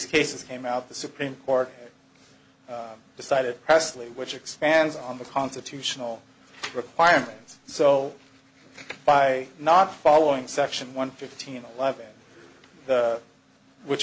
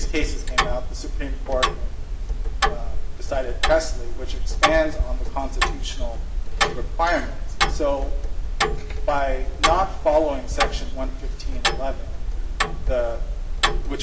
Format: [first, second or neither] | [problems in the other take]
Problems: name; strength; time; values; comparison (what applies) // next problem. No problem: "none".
first | background sound (Tick-tock); 5 dB above the speech // room echo; dies away in 0.9 s